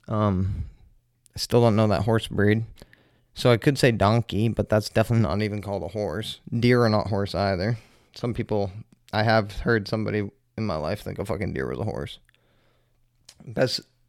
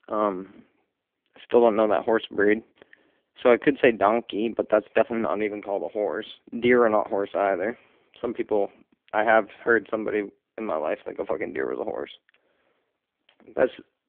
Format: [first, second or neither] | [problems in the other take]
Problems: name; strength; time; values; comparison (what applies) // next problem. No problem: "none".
first | phone-call audio; poor line; nothing above 3.5 kHz